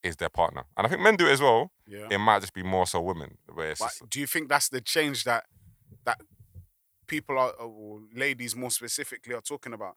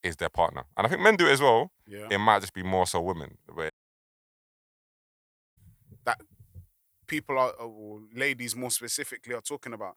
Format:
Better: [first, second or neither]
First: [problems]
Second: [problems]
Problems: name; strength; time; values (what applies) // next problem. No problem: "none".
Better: first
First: none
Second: audio cutting out; at 3.5 s for 2 s